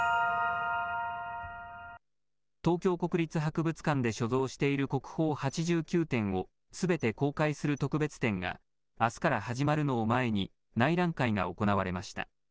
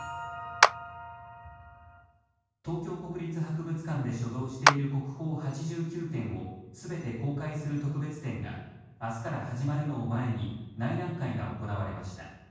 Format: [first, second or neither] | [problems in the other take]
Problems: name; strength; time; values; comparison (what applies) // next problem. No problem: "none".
first | background sound (Clapping); 5 dB above the speech // room echo; dies away in 1.2 s